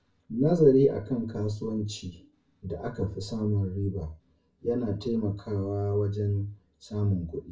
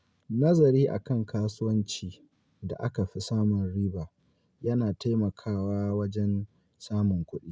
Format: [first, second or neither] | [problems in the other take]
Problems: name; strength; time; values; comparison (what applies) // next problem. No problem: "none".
second | room echo; dies away in 0.3 s